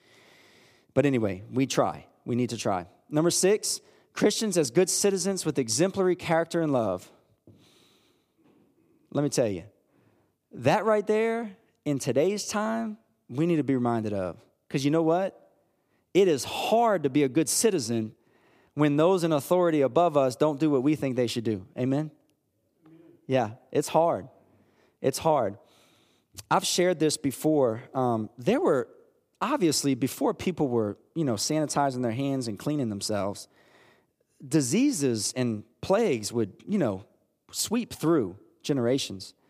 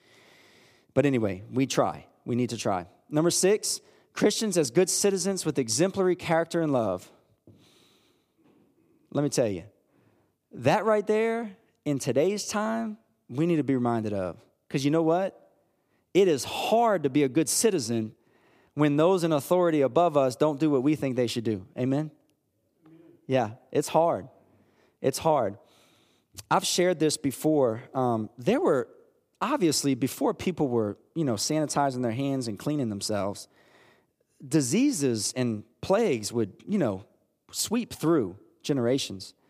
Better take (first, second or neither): neither